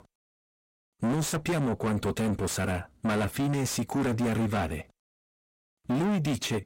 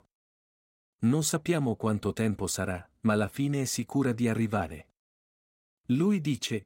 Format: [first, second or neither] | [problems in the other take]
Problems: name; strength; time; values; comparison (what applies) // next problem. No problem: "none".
second | distortion; heavy; 6 dB below the speech